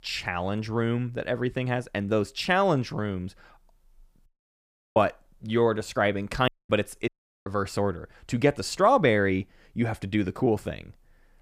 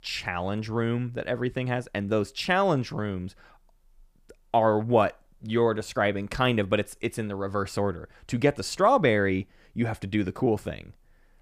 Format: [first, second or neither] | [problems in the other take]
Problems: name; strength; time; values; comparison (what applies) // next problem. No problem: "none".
second | audio cutting out; at 4.5 s for 0.5 s, at 6.5 s and at 7 s